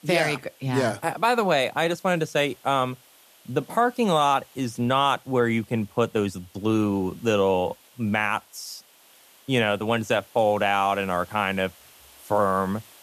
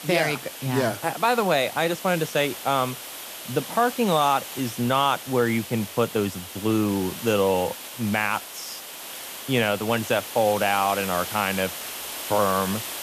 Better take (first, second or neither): first